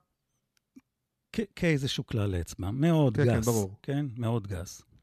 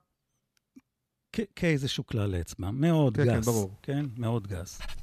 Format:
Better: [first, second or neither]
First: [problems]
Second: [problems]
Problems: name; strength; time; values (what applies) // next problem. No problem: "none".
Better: first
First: none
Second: household noises; very faint; from 3.5 s on; 25 dB below the speech